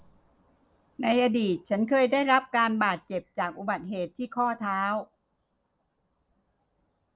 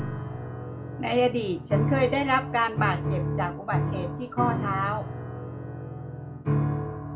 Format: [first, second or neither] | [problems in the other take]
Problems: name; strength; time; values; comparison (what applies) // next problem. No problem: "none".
first | background sound (Piano); as loud as the speech // room echo; dies away in 0.3 s